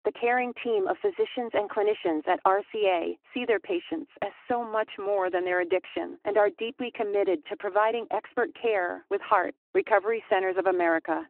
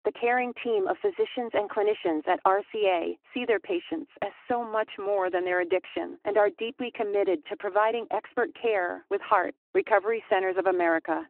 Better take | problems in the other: neither | phone-call audio; the same in both

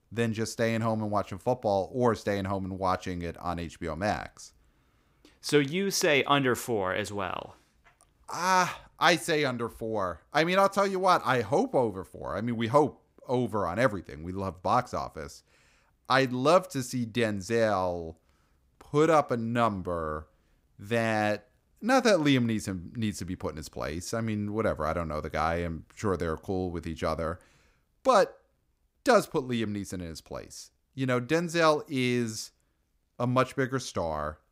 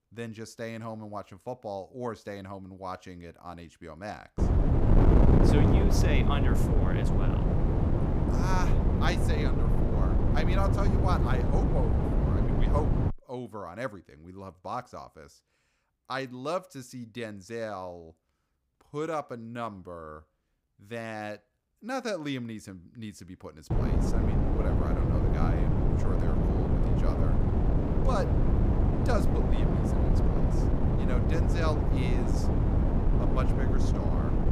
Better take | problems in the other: first | wind noise on the microphone; heavy; from 4.5 to 13 s and from 24 s on; 2 dB above the speech

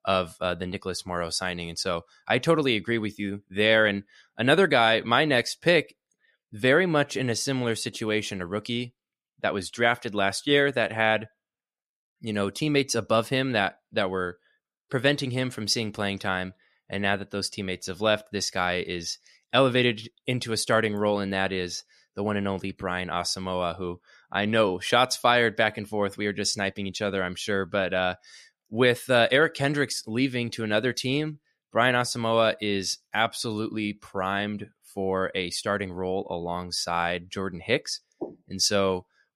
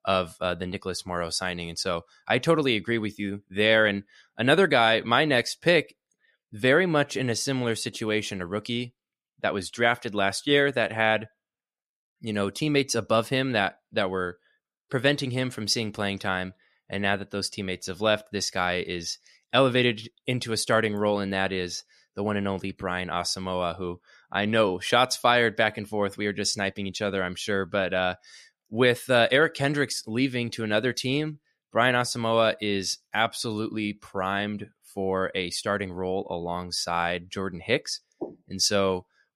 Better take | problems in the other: neither | none

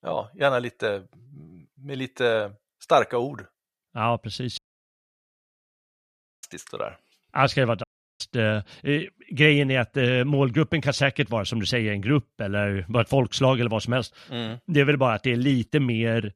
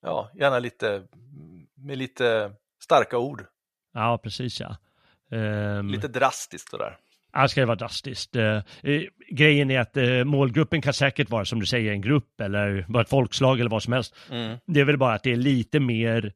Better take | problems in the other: second | audio cutting out; at 4.5 s for 2 s and at 8 s

